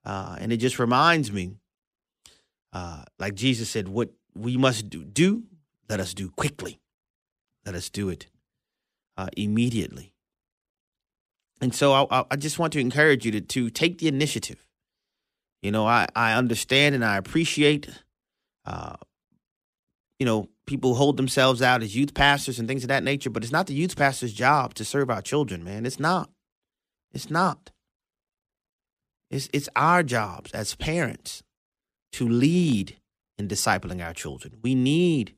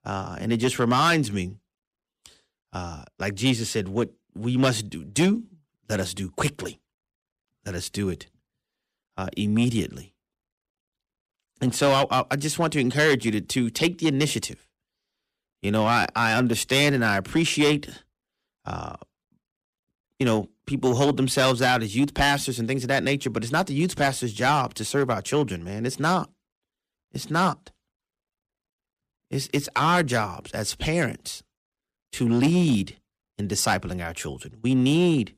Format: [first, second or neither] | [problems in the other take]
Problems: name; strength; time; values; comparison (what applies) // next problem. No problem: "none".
first | distortion; slight; 3% of the sound clipped